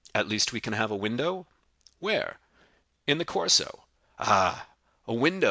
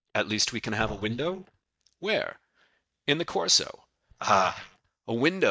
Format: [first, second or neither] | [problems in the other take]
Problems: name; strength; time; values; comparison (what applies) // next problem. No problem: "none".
first | noise reduction (neural mask model DeepFilterNet 3)